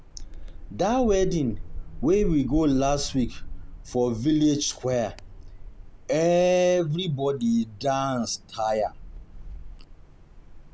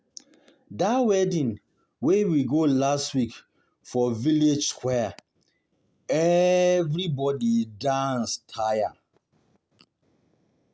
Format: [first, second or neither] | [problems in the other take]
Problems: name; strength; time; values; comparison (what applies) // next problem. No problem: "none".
second | background sound (Wind); 10 dB below the speech